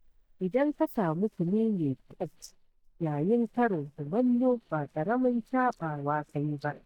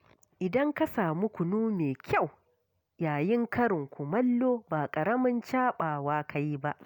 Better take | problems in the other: second | noise reduction (neural mask model DeepFilterNet 3)

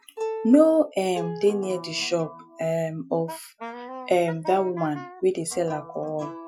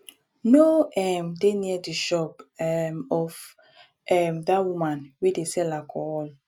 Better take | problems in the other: second | noise reduction (classical method Wiener filter)

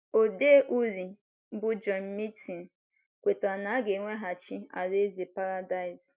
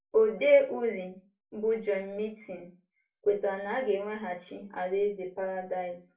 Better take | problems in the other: first | room echo; dies away in 0.3 s

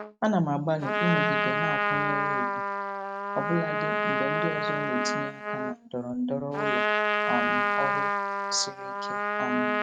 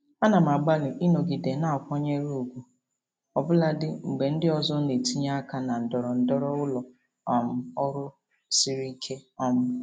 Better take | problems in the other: second | noise reduction (neural mask model RNNoise)

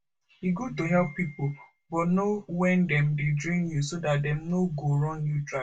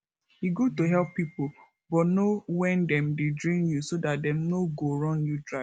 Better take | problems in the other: second | room echo; dies away in 0.1 s

